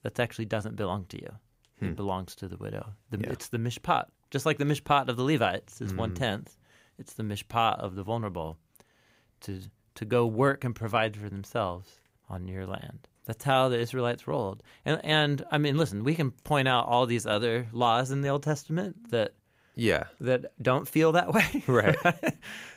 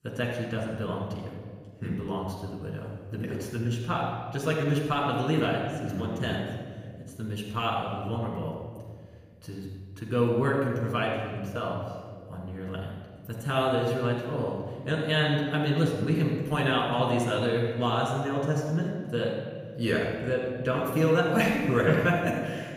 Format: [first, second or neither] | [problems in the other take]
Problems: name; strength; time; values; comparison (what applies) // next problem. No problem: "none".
first | off-mic speech; far // room echo; noticeable; dies away in 1.7 s